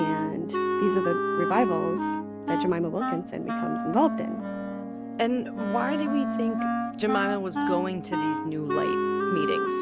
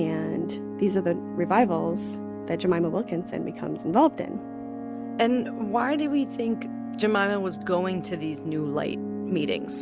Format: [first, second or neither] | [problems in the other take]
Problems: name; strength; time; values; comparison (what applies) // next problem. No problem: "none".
second | background sound (Wind instrument, woodwind instrument); 1 dB below the speech